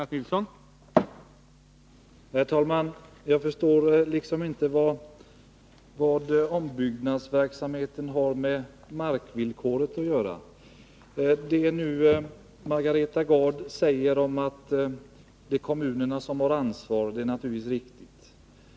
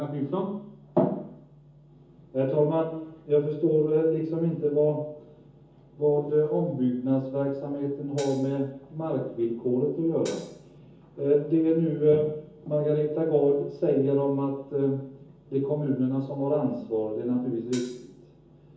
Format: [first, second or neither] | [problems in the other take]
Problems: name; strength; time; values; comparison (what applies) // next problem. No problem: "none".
first | background sound (Hi-hat); 19 dB below the speech // room echo; dies away in 0.7 s